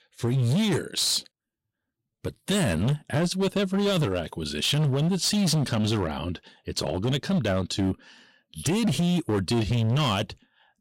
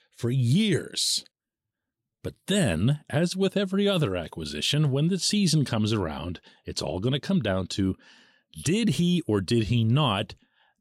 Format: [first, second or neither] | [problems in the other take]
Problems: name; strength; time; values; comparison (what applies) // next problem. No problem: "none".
second | distortion; slight; 16% of the sound clipped